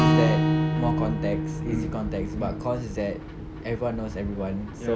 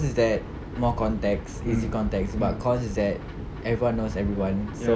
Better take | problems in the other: second | background sound (Acoustic guitar / Strum); 2 dB above the speech

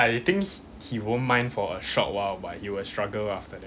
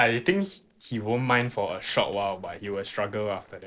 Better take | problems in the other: first | noise reduction (neural separator model SepFormer DNS4)

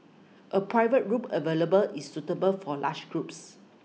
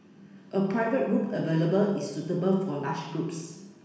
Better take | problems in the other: first | room echo; dies away in 1.1 s

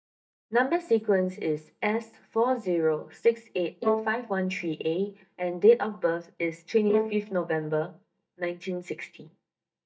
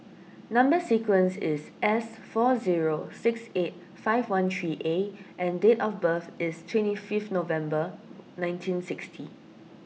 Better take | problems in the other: second | noise reduction (neural mask model DeepFilterNet 3)

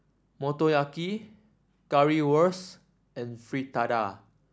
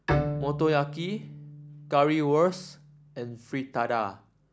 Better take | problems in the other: first | background sound (Bowed string instrument); 7 dB below the speech

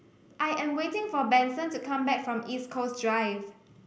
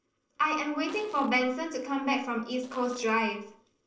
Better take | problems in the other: first | noise reduction (neural separator model SepFormer DNS4)

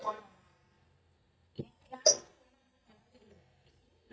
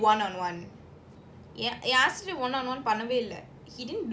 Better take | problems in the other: second | noise reduction (neural mask model DeepFilterNet 3)

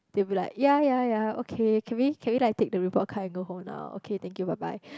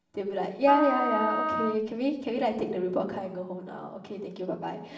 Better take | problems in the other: first | background sound (Wind instrument, woodwind instrument); 2 dB below the speech // room echo; dies away in 0.9 s

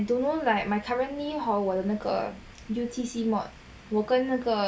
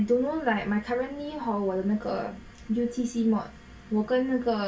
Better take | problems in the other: first | room echo; dies away in 0.1 s

